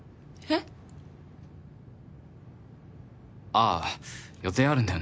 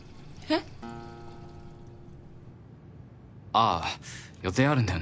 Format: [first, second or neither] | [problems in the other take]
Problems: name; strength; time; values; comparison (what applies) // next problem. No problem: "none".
first | background sound (Acoustic guitar + Sink (filling or washing)); 18 dB below the speech